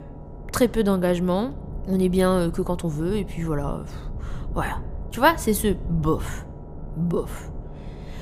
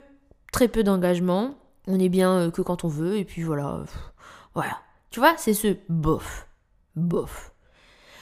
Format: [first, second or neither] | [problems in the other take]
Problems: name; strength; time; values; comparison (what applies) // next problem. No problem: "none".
second | low rumble; noticeable; throughout; 20 dB below the speech